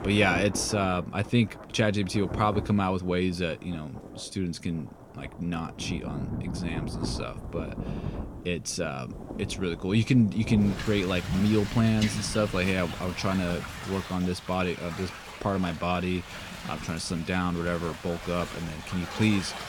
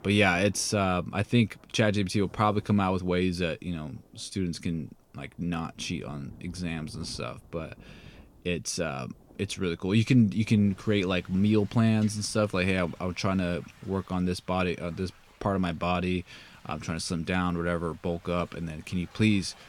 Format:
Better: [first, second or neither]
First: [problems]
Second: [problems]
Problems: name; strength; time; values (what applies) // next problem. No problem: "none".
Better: second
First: rain or running water; loud; throughout; 10 dB below the speech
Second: rain or running water; faint; throughout; 25 dB below the speech